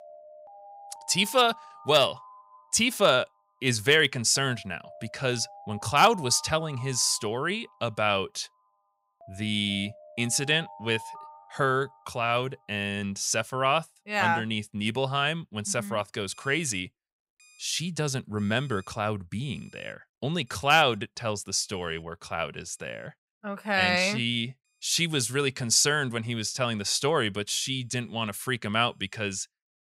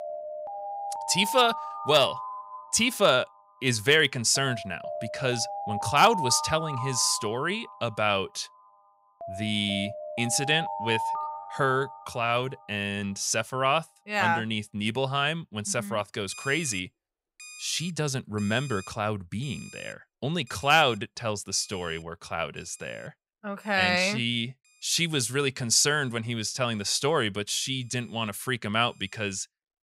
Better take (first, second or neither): first